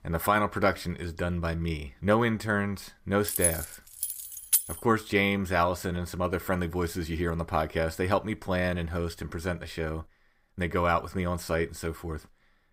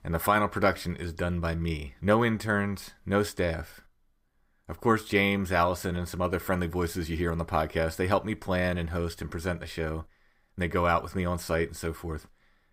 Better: second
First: jangling keys; loud; from 3.5 to 4.5 s; peak 4 dB above the speech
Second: none

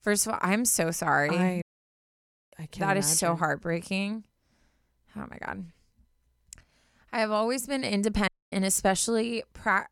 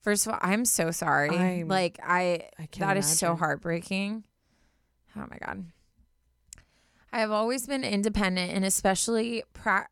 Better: second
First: audio cutting out; at 1.5 s for 1 s and at 8.5 s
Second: none

